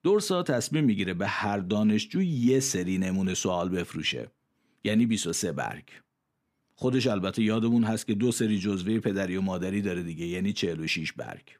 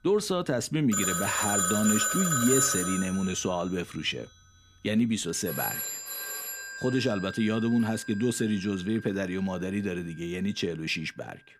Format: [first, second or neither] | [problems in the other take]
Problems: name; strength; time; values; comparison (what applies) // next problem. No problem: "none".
first | alarms or sirens; very loud; throughout; as loud as the speech